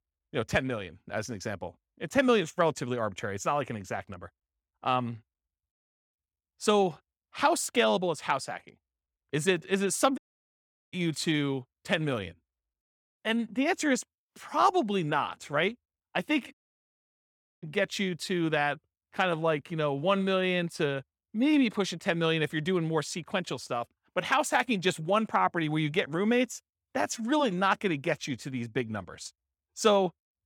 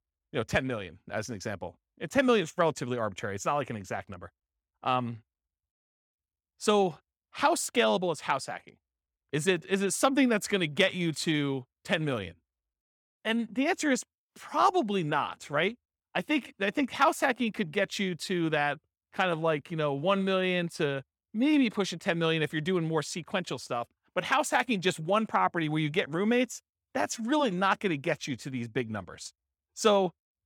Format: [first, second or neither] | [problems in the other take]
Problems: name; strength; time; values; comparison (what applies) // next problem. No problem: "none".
second | audio cutting out; at 10 s for 0.5 s and at 17 s for 1 s